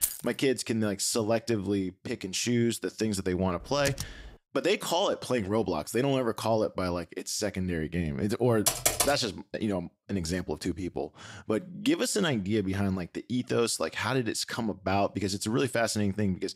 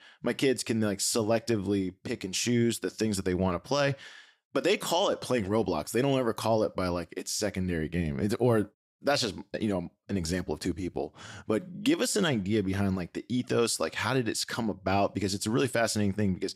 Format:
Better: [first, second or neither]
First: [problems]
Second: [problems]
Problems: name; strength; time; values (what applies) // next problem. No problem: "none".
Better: second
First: jangling keys; noticeable; at the start; peak level with the speech // keyboard typing; noticeable; at 3.5 s; peak 6 dB below the speech // keyboard typing; loud; at 8.5 s; peak 5 dB above the speech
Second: none